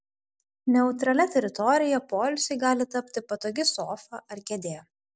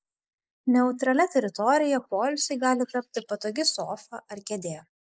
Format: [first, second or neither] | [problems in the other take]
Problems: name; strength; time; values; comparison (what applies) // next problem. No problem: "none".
first | noise reduction (neural mask model Resemble Enhance denoiser)